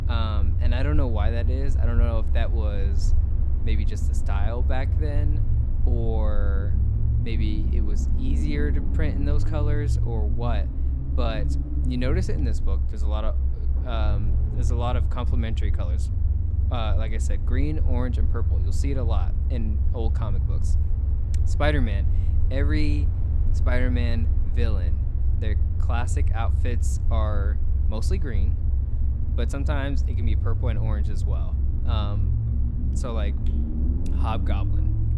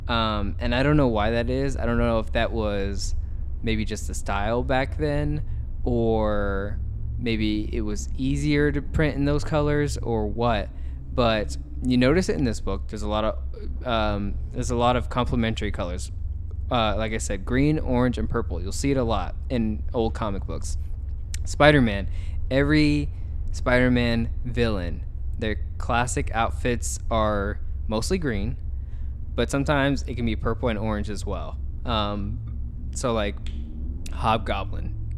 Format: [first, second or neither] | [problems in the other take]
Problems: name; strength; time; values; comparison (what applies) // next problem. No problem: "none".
second | low rumble; loud; throughout; 7 dB below the speech; faint in the second